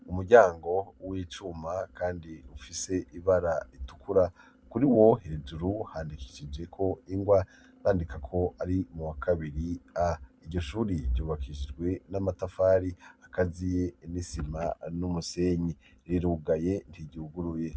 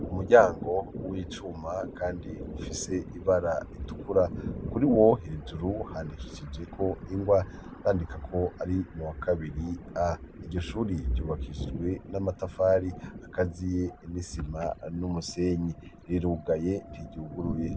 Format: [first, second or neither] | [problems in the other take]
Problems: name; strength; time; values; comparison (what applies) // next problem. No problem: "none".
first | background sound (Thunder); 12 dB below the speech